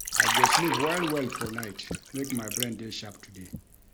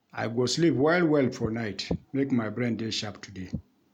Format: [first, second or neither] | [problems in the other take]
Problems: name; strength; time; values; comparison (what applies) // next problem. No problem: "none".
second | background sound (Liquid); 3 dB above the speech